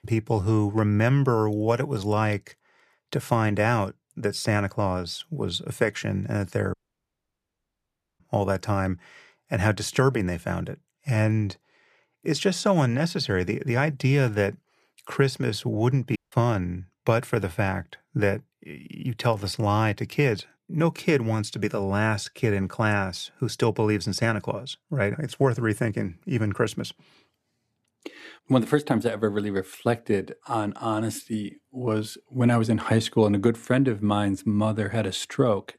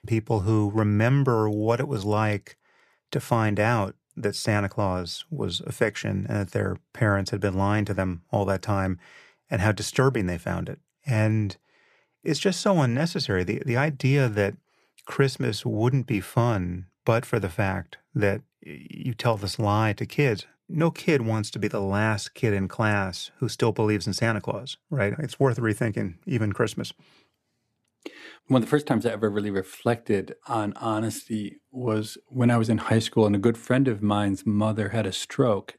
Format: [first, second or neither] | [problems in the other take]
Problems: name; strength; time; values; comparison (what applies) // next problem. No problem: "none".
second | audio cutting out; at 6.5 s for 1.5 s and at 16 s